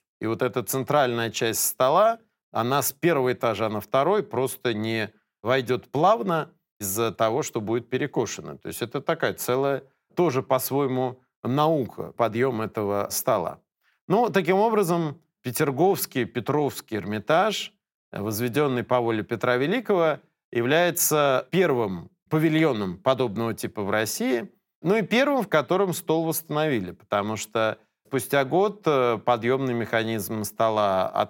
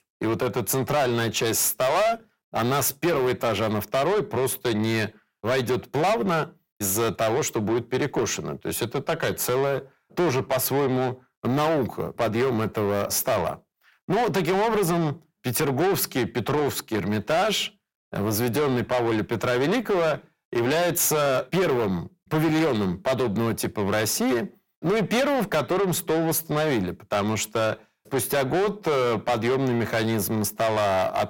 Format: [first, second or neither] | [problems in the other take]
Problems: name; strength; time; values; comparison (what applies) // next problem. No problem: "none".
first | distortion; heavy; 6 dB below the speech